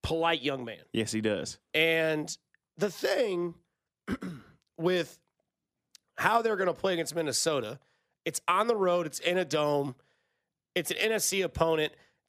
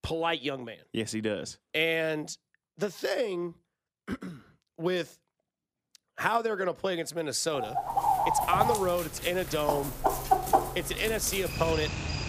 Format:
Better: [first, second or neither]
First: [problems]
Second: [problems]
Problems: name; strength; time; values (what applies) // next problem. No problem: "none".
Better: first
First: none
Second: animal sounds; very loud; from 8 s on; 1 dB above the speech